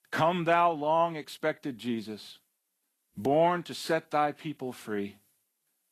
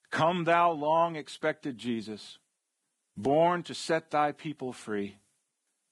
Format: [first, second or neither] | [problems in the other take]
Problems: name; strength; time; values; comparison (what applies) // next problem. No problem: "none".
first | garbled, watery; badly; nothing above 10.5 kHz; slightly in the first